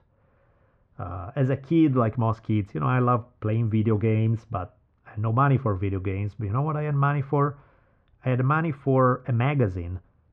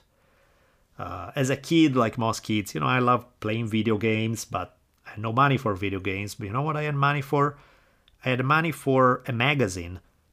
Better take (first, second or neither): second